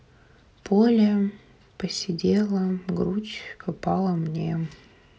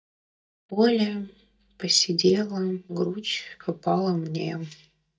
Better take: first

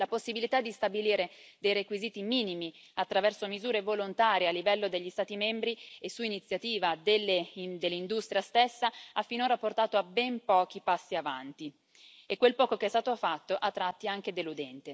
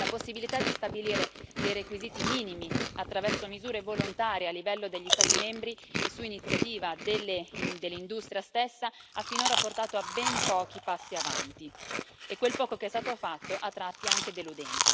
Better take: first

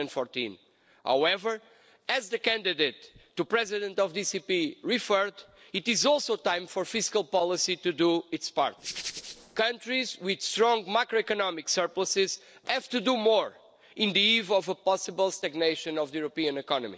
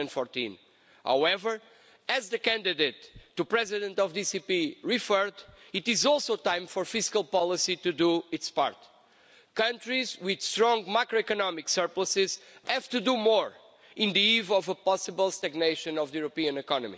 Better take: second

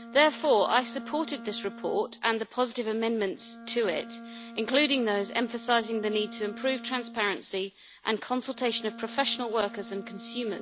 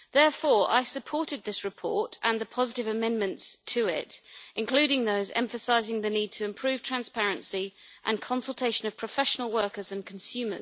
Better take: second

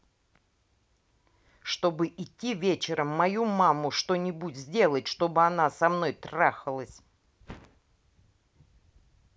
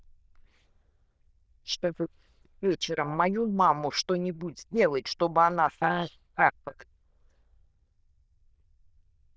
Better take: first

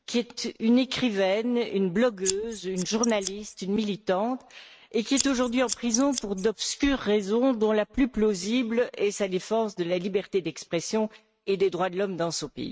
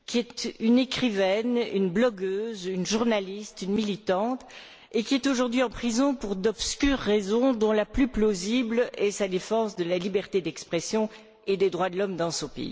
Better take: second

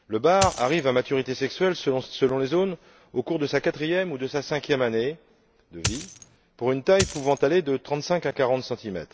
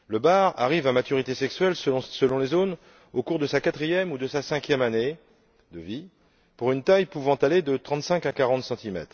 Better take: second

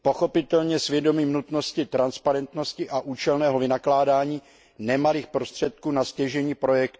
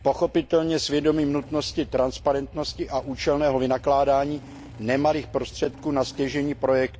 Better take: first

